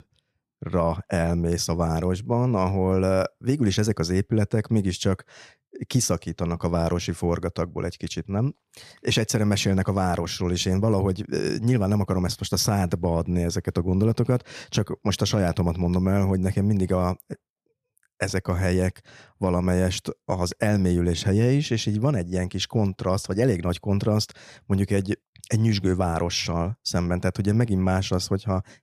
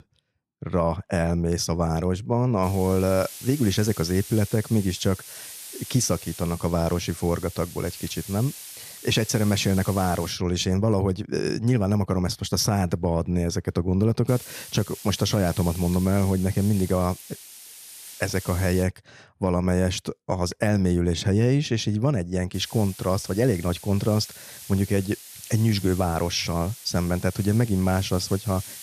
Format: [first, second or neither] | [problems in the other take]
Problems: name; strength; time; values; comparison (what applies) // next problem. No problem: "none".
first | hiss; noticeable; from 2.5 to 10 s, from 14 to 19 s and from 23 s on; 15 dB below the speech